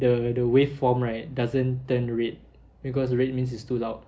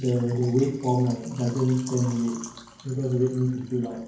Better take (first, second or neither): first